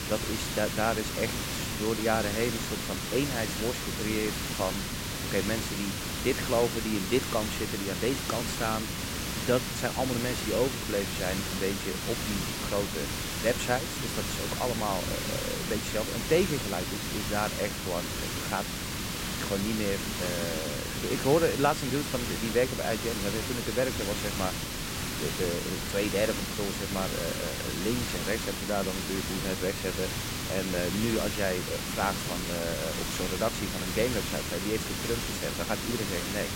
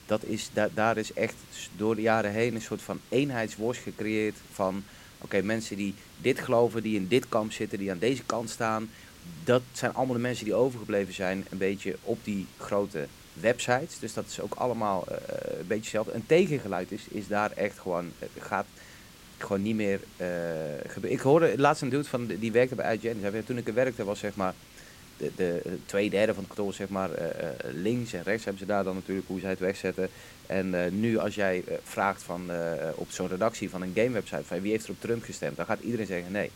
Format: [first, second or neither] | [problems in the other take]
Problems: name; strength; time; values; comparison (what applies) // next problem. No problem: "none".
second | hiss; loud; throughout; as loud as the speech; faint in the second